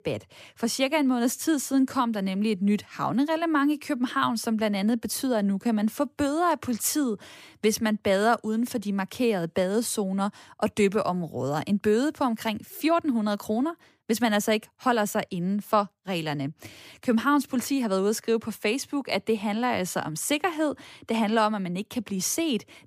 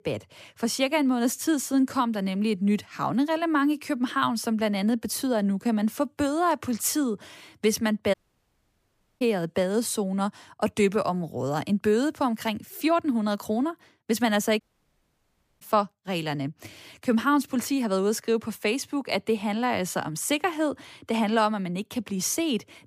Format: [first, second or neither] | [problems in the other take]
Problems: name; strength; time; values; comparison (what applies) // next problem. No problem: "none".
first | audio cutting out; at 8 s for 1 s and at 15 s for 1 s